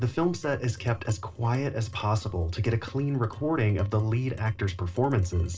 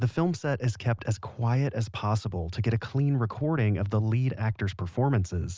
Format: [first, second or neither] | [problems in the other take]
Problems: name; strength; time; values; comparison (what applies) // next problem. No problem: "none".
second | noise reduction (neural separator model SepFormer DNS4)